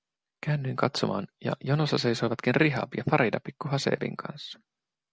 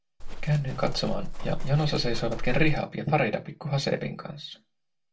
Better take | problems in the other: first | background sound (Livestock, farm animals, working animals); as loud as the speech // room echo; dies away in 0.2 s

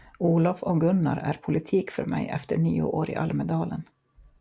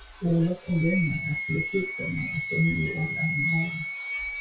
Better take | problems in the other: first | noise reduction (classical method WPE with log-MMSE)

